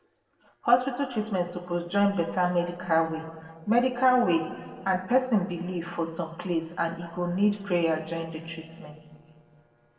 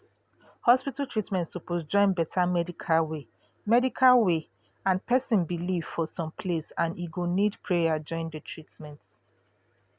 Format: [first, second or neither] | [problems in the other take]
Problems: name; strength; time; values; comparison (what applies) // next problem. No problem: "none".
second | noise reduction (neural separator model SepFormer DNS4)